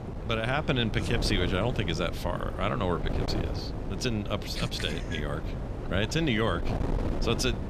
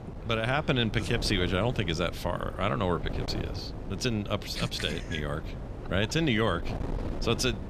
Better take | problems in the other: second | wind noise on the microphone; heavy; 9 dB below the speech; occasional gusts in the second

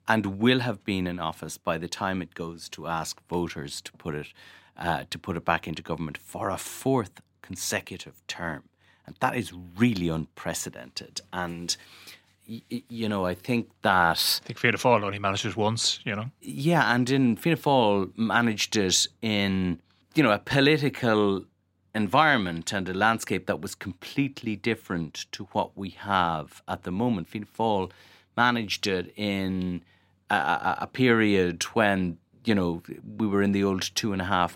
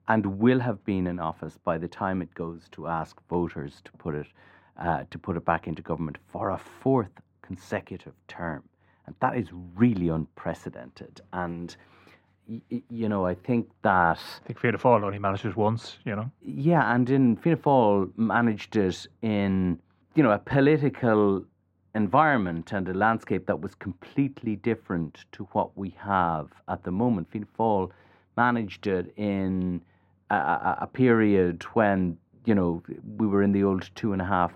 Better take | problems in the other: first | muffled; very; fading above 2.5 kHz

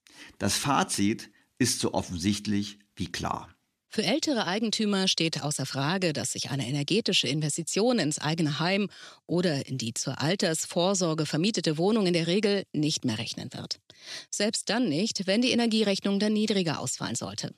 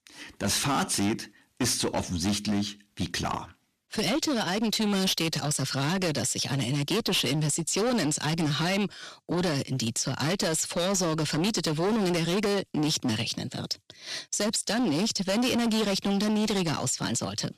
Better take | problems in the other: first | distortion; heavy; 20% of the sound clipped

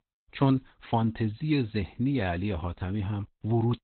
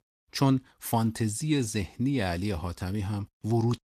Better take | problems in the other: second | garbled, watery; badly; nothing above 4 kHz; slightly in the second

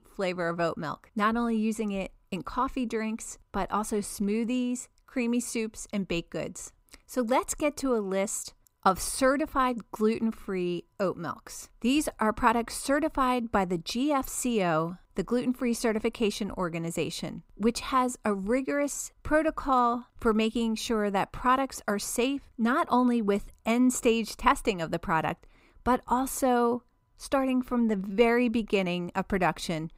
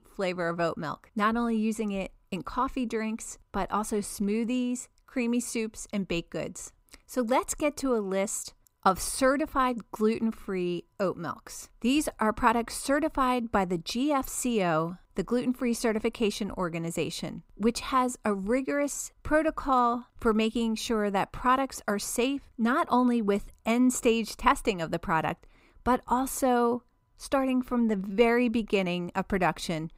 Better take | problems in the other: neither | none

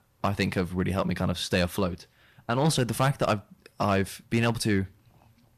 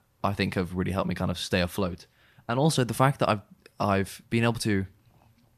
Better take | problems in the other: second | distortion; slight; 4% of the sound clipped

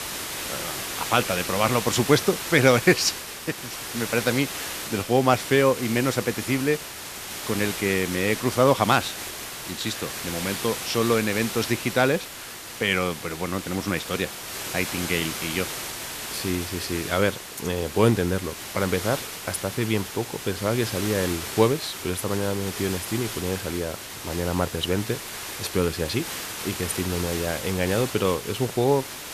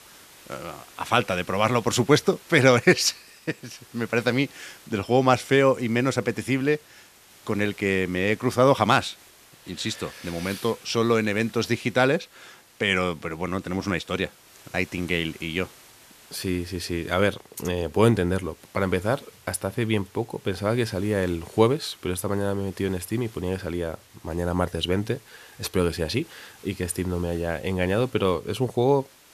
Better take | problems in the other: second | hiss; loud; throughout; 7 dB below the speech; faint in the second

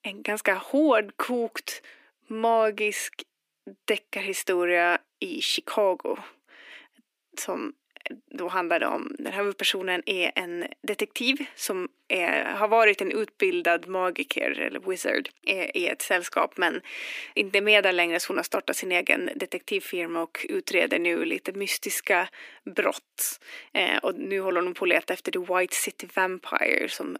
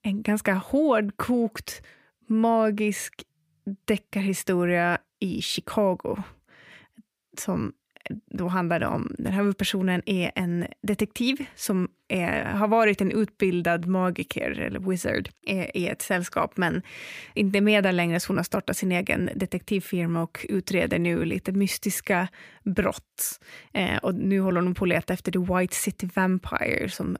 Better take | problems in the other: second | thin; somewhat; fading below 300 Hz

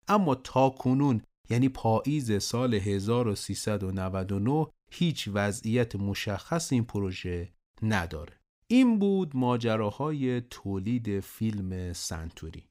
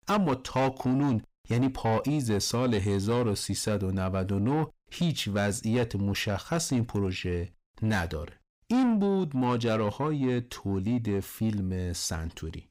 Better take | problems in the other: first | distortion; slight; 10 dB below the speech

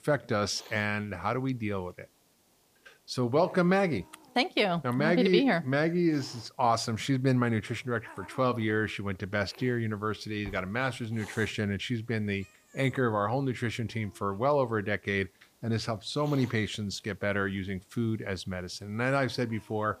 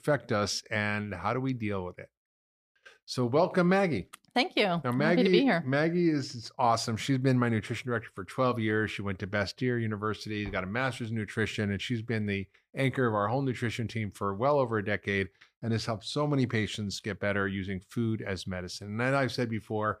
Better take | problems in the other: second | hiss; faint; throughout; 25 dB below the speech

